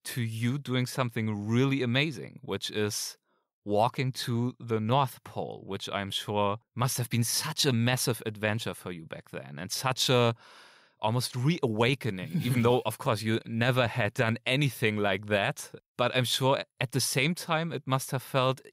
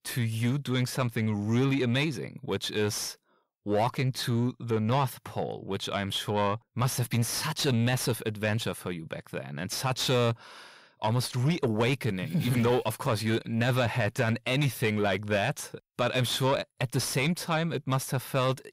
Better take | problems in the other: first | distortion; slight; 10 dB below the speech

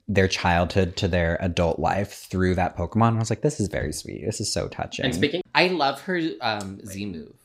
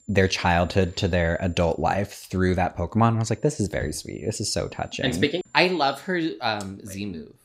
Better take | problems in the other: first | high-pitched whine; faint; until 2 s and from 3.5 to 6 s; 7 kHz, 35 dB below the speech

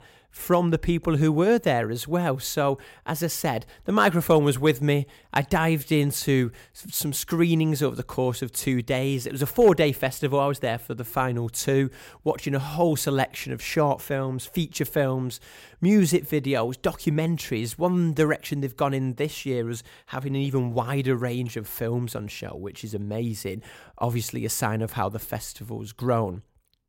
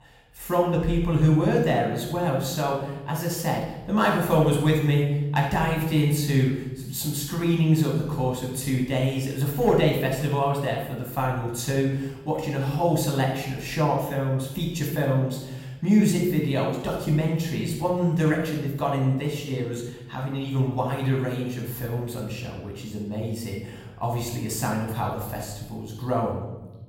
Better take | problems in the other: first | off-mic speech; far // room echo; noticeable; dies away in 0.9 s

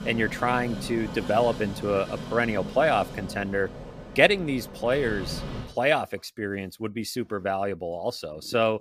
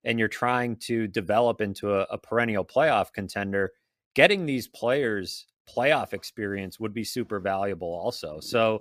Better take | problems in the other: second | train or aircraft noise; noticeable; until 5.5 s; 10 dB below the speech

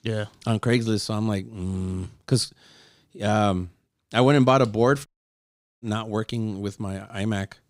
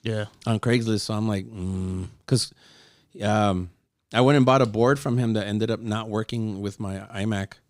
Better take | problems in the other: second | audio cutting out; at 5 s for 1 s

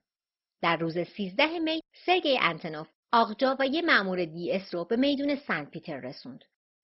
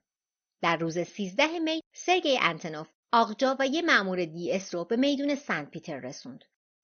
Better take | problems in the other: second | garbled, watery; badly; nothing above 5.5 kHz; slightly in the second

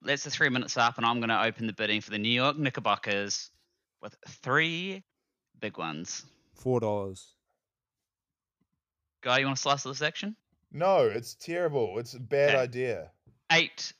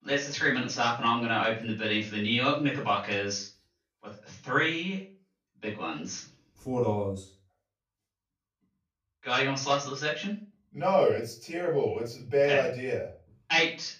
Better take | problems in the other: first | room echo; slight; dies away in 0.3 s // off-mic speech; far

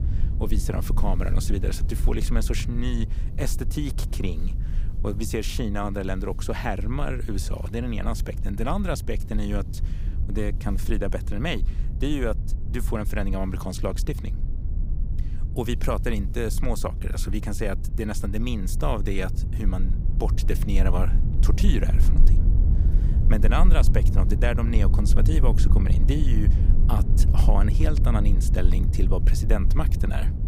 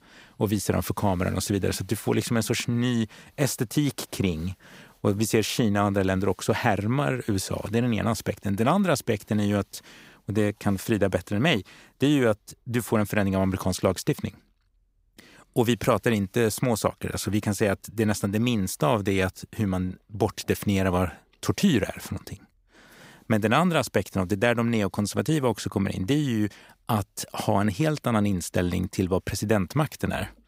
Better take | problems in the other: second | low rumble; loud; throughout; 10 dB below the speech

